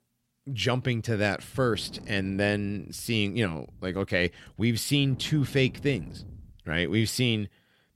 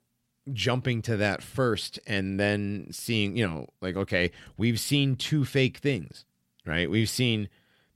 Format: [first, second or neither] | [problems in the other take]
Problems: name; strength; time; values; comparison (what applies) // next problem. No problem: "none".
second | wind noise on the microphone; occasional gusts; from 1.5 to 4 s and from 5 to 7 s; 25 dB below the speech